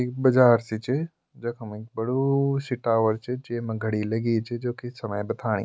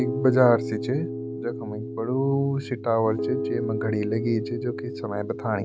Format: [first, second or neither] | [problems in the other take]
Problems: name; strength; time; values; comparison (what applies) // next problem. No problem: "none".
first | background sound (Piano); 6 dB below the speech